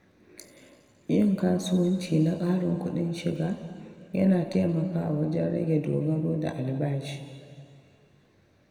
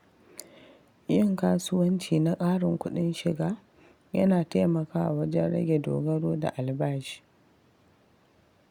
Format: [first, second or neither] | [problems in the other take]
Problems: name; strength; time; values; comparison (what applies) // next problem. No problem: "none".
second | room echo; dies away in 2.1 s